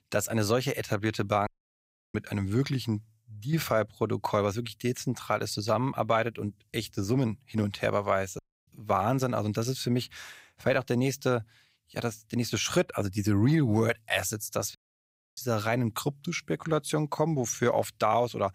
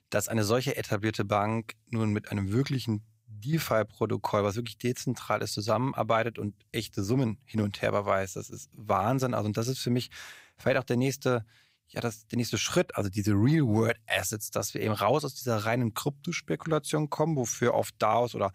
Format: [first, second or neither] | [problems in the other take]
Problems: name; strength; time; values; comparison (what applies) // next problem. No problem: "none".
second | audio cutting out; at 1.5 s for 0.5 s, at 8.5 s and at 15 s for 0.5 s